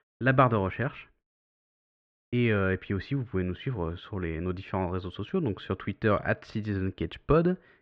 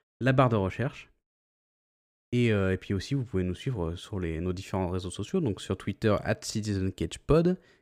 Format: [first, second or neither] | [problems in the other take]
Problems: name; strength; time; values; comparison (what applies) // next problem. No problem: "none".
second | muffled; very; fading above 3.5 kHz